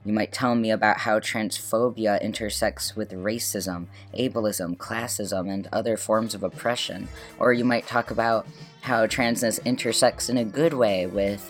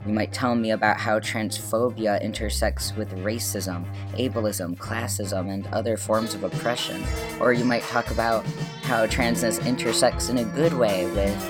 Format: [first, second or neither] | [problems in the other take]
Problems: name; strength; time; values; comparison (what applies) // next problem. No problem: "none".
first | background music; loud; throughout; 8 dB below the speech; faint in the first